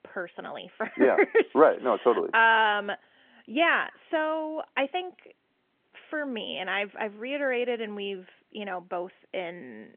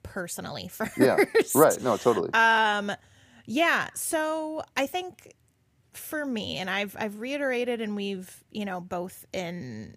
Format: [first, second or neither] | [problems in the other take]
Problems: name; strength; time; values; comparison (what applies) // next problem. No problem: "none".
second | phone-call audio; nothing above 3.5 kHz